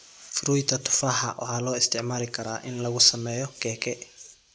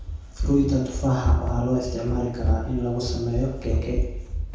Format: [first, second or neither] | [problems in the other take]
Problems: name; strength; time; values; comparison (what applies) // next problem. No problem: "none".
first | background sound (Run); 1 dB below the speech // room echo; dies away in 0.8 s